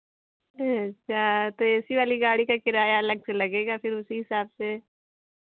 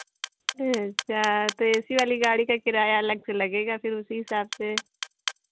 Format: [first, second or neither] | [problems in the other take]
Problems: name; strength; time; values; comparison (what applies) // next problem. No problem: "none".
first | background sound (Clock); 11 dB below the speech